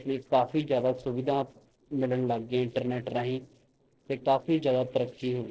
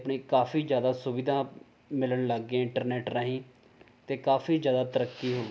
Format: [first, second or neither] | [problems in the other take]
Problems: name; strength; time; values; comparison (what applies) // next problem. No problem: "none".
second | noise reduction (neural separator model SepFormer DNS4)